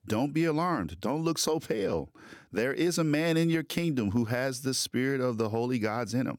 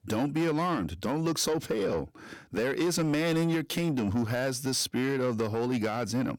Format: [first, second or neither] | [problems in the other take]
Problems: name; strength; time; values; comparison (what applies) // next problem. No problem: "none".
first | distortion; slight; 10 dB below the speech